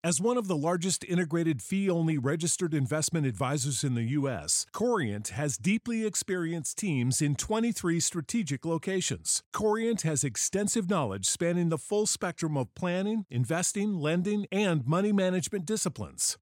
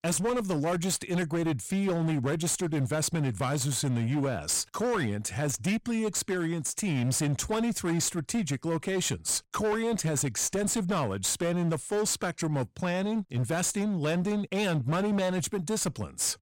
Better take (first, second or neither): first